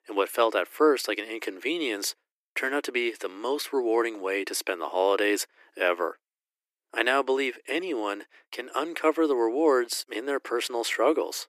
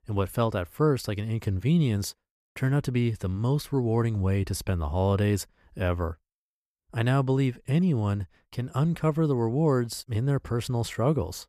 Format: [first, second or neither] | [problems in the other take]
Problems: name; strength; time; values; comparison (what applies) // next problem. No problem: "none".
second | thin; very; fading below 300 Hz